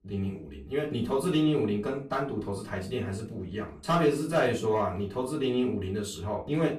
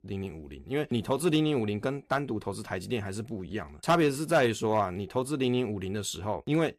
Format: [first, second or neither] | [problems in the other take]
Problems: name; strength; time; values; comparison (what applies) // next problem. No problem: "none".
second | off-mic speech; far // room echo; very slight; dies away in 0.3 s